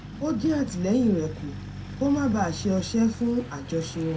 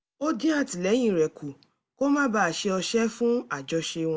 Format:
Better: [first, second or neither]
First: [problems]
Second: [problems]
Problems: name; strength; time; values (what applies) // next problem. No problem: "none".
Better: second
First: background sound (Truck); 11 dB below the speech // room echo; dies away in 0.2 s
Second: none